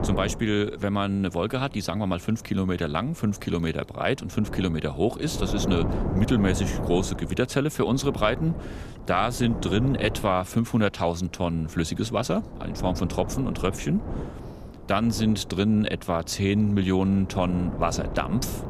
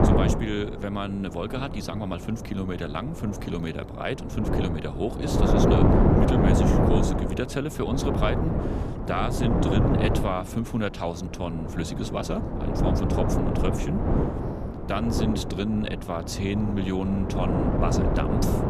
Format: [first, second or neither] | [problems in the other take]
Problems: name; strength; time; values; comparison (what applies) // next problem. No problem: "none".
first | wind noise on the microphone; heavy; 2 dB above the speech; occasional gusts in the first